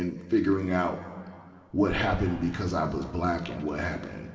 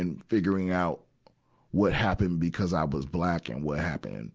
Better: second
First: room echo; dies away in 2.1 s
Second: none

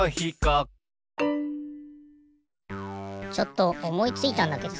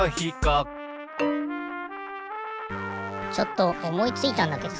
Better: first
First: none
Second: background sound (Trumpet); 9 dB below the speech

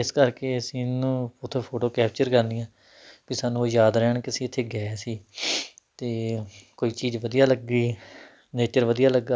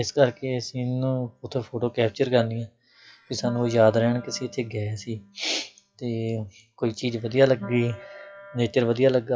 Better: first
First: none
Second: noise reduction (classical method WPE with log-MMSE)

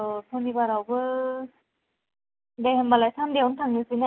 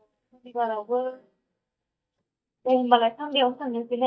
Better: first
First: none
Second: noise reduction (neural mask model DeepFilterNet 3)

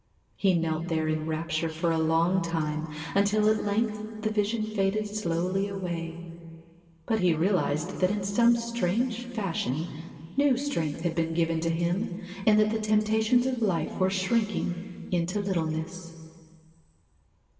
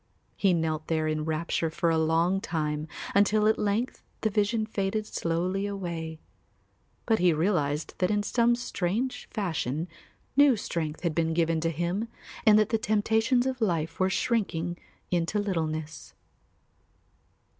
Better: second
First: room echo; dies away in 2.2 s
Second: none

